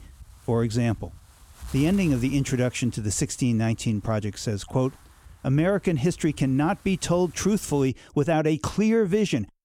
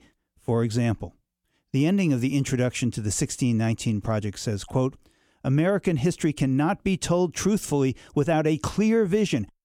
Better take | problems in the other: second | wind noise on the microphone; occasional gusts; until 8 s; 25 dB below the speech

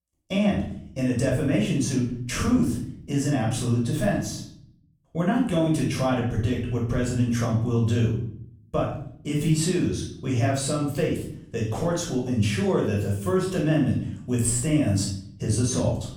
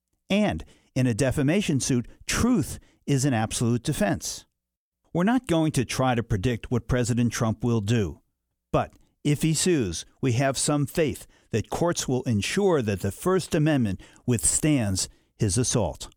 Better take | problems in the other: second | off-mic speech; far // room echo; noticeable; dies away in 0.6 s

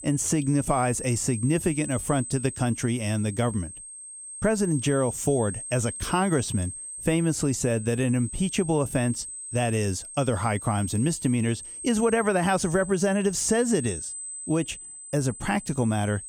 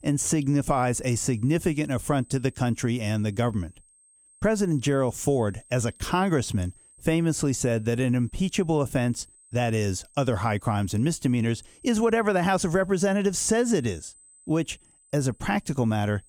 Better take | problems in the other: second | high-pitched whine; loud; throughout; 8.5 kHz, 9 dB below the speech; faint in the second

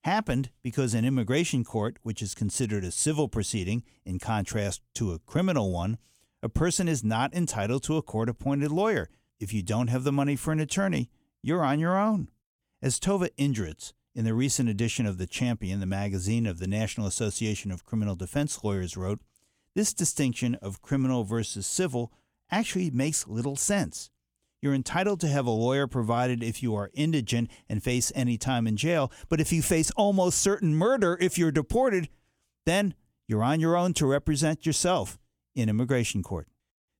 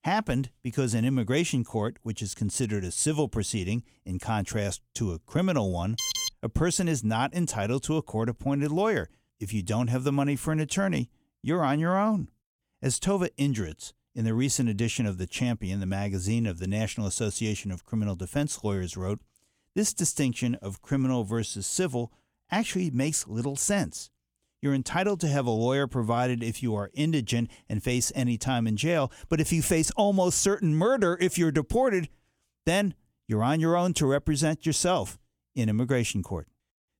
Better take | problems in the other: first | alarm; noticeable; at 6 s; peak level with the speech

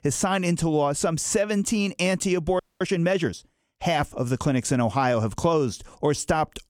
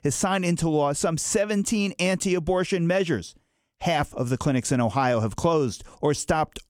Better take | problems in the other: second | audio freezing; at 2.5 s

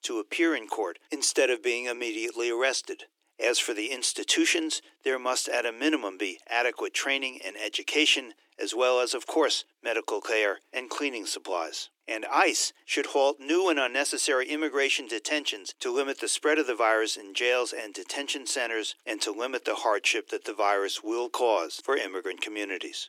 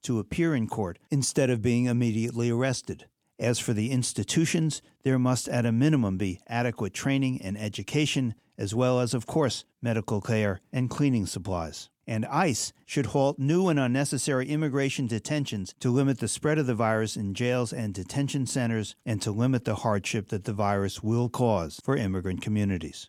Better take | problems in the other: second | thin; very; fading below 300 Hz

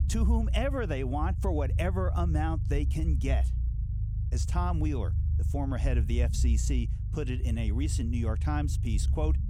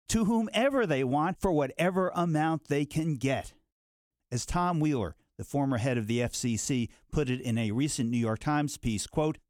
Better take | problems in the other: second | low rumble; noticeable; throughout; 10 dB below the speech

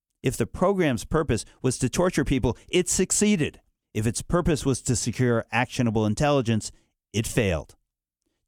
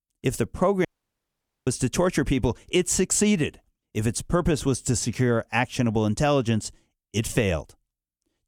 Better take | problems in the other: first | audio cutting out; at 1 s for 1 s

